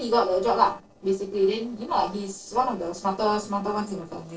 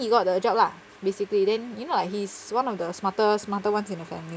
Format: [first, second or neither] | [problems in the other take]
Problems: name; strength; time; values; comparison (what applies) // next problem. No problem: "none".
second | noise reduction (neural separator model SepFormer DNS4)